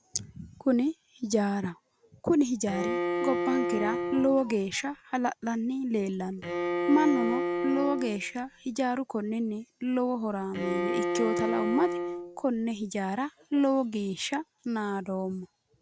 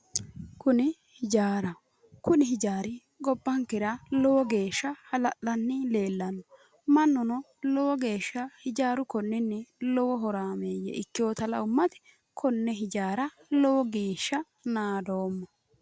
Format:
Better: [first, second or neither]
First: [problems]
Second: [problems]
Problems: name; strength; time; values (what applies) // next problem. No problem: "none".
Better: second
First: background sound (Bowed string instrument); 2 dB below the speech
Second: none